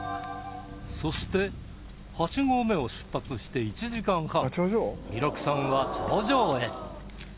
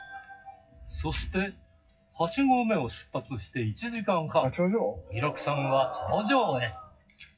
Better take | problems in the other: first | noise reduction (classical method WPE with log-MMSE)

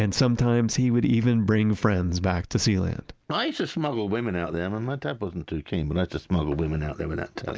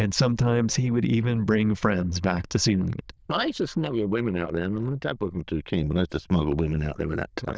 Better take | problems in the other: first | noise reduction (neural diffusion model UNIVERSE++)

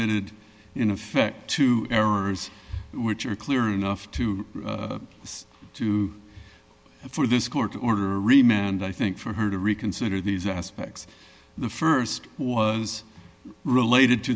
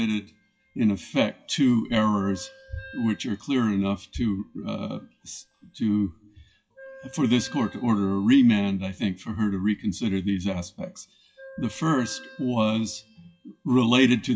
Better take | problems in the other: first | noise reduction (classical method WPE with log-MMSE)

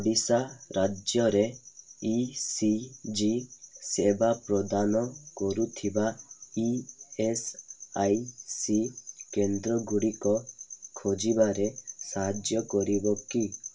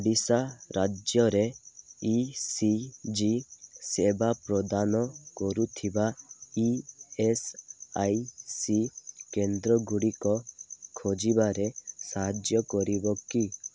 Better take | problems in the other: second | room echo; dies away in 0.2 s

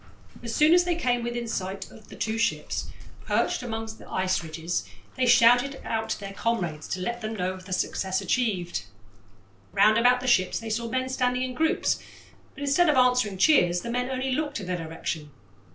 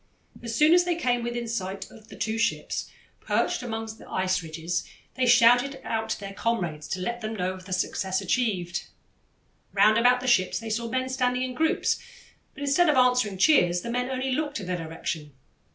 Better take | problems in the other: second | background sound (Bathtub (filling or washing)); 13 dB below the speech

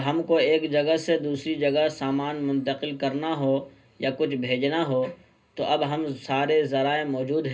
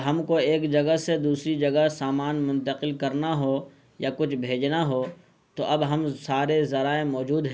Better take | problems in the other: second | room echo; dies away in 0.2 s

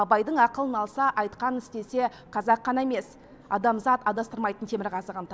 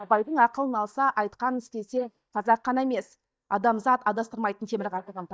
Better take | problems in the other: first | noise reduction (neural mask model DeepFilterNet 3)

